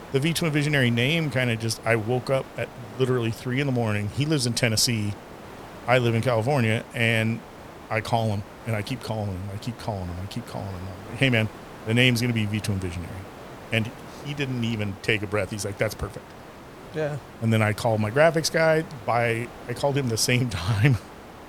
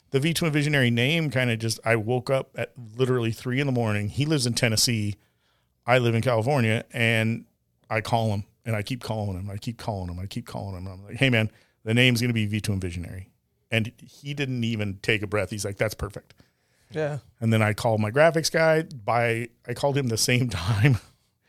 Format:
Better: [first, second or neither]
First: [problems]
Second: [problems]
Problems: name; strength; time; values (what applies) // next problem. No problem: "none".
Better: second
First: hiss; noticeable; throughout; 15 dB below the speech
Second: none